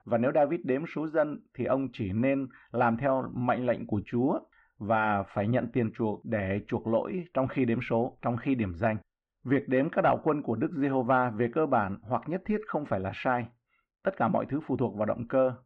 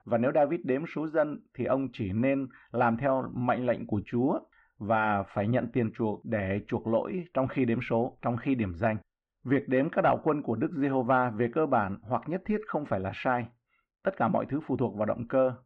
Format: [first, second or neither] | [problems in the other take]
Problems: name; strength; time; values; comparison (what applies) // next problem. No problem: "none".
neither | muffled; very; fading above 2 kHz; the same in both